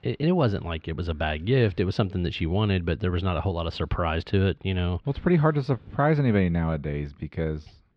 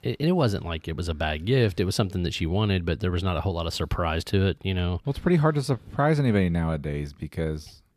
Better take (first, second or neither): second